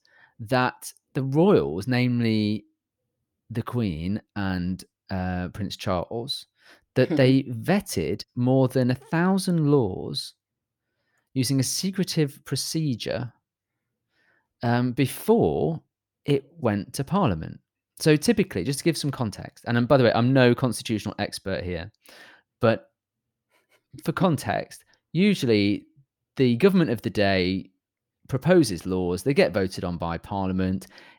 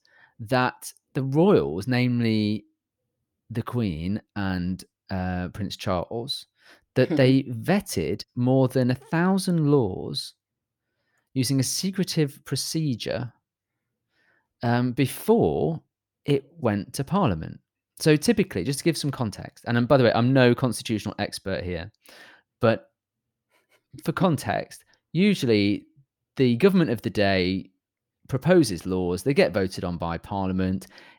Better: neither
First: none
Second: none

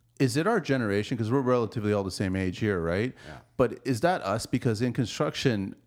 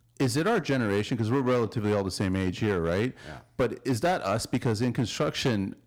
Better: first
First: none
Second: distortion; slight; 10% of the sound clipped

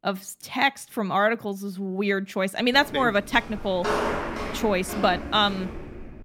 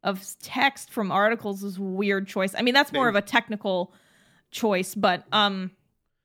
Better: second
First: footsteps; noticeable; from 2.5 s on; peak 1 dB below the speech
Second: none

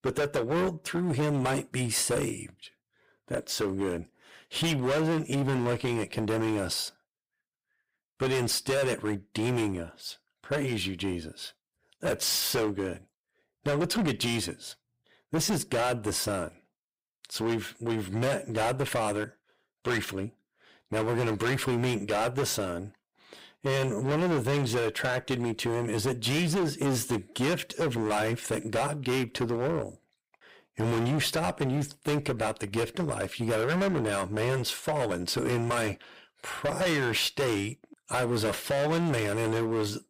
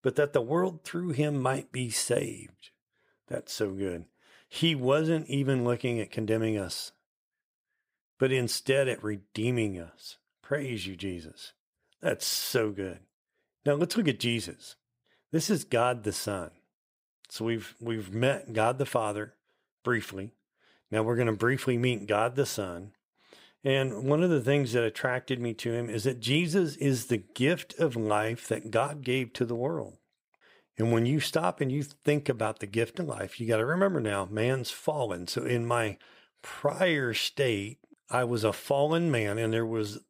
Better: second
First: distortion; heavy; 17% of the sound clipped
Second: none

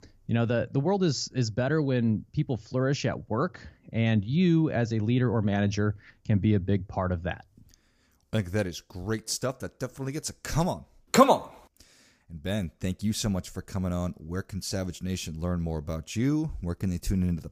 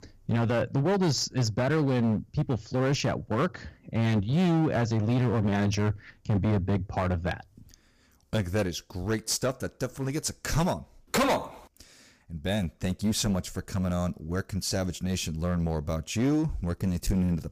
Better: first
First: none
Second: distortion; heavy; 13% of the sound clipped

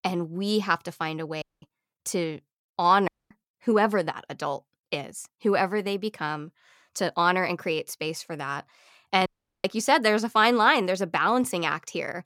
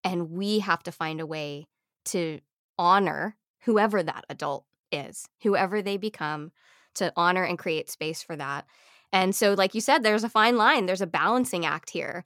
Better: second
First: audio cutting out; at 1.5 s, at 3 s and at 9.5 s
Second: none

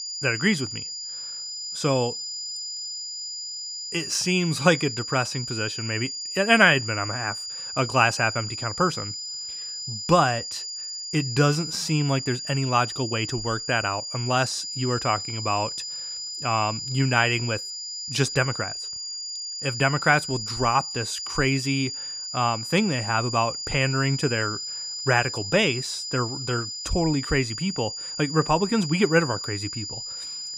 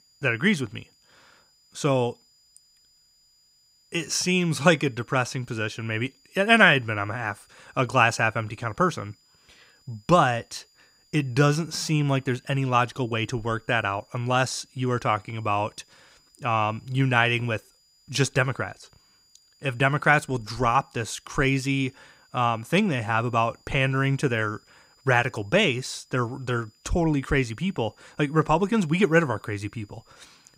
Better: second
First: high-pitched whine; loud; throughout; 5 kHz, 6 dB below the speech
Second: high-pitched whine; faint; throughout; 5 kHz, 35 dB below the speech

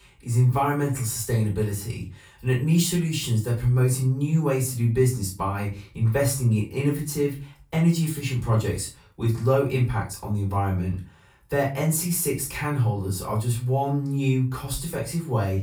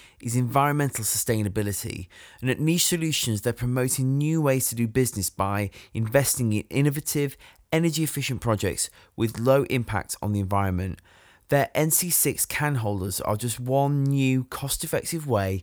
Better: second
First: off-mic speech; far // room echo; slight; dies away in 0.3 s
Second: none

